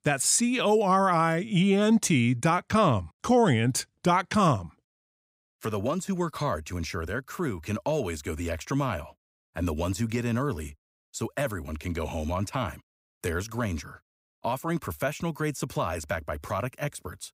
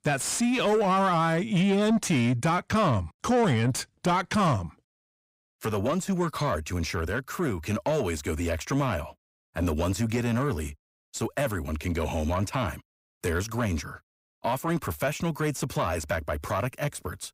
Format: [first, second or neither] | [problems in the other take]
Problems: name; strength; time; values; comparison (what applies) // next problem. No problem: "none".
first | distortion; slight; 10 dB below the speech